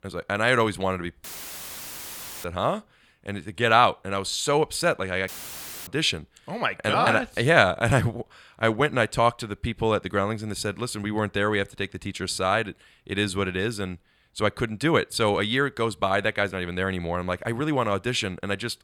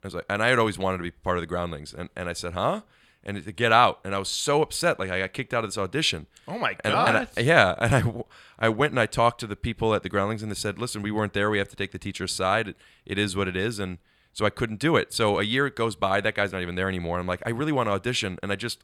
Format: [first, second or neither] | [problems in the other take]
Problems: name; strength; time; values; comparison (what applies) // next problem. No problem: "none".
second | audio cutting out; filled with static; at 1 s for 1 s and at 5.5 s for 0.5 s